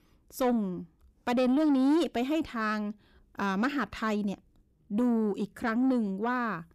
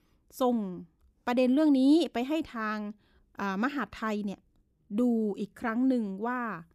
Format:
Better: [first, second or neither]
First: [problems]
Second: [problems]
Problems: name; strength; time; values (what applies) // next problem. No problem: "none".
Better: second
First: distortion; slight; 10 dB below the speech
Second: none